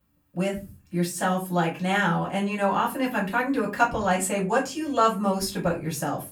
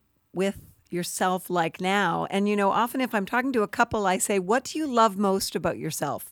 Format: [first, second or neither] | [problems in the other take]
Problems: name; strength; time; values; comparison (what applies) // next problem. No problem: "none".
second | off-mic speech; far // room echo; very slight; dies away in 0.3 s